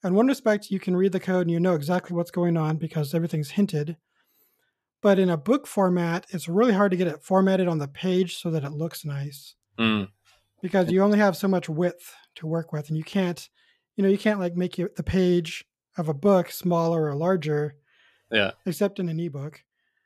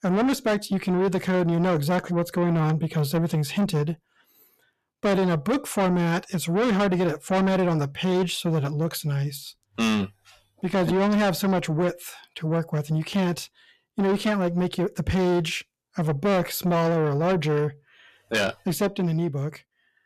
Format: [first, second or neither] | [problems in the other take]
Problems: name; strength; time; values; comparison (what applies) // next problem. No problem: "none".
first | distortion; heavy; 7 dB below the speech